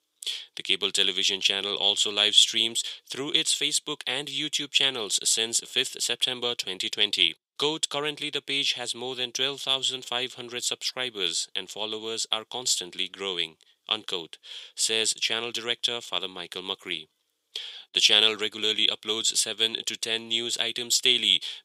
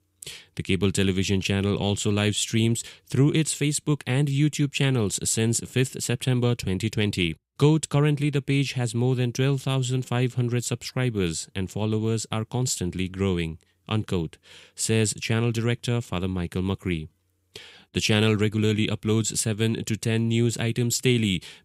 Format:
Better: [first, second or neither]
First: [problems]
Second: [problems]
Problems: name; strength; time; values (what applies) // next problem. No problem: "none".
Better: second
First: thin; very; fading below 600 Hz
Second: none